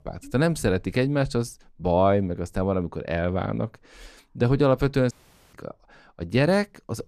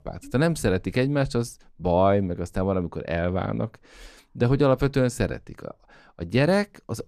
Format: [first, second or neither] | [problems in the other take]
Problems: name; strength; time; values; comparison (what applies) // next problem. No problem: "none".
second | audio cutting out; at 5 s